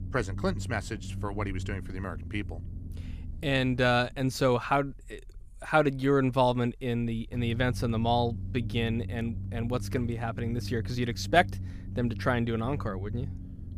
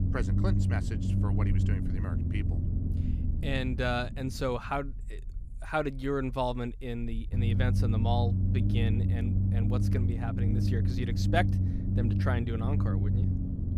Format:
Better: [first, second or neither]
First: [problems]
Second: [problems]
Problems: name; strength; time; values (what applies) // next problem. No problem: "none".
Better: first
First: low rumble; faint; throughout; 20 dB below the speech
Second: low rumble; loud; throughout; 6 dB below the speech